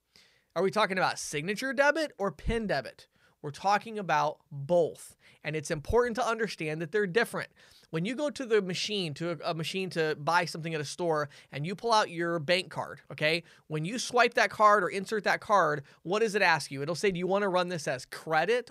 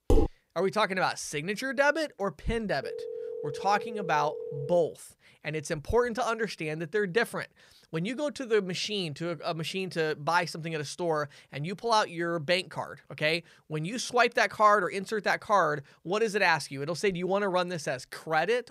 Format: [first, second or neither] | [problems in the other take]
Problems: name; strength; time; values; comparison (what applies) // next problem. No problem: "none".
first | clattering dishes; loud; at the start; peak 1 dB above the speech // phone ringing; noticeable; from 3 to 5 s; peak 9 dB below the speech